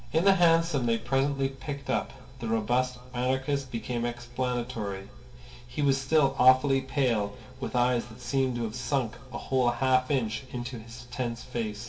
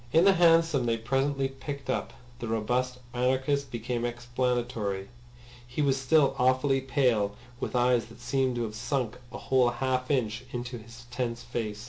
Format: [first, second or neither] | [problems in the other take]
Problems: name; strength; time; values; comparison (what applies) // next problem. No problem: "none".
second | room echo; dies away in 2 s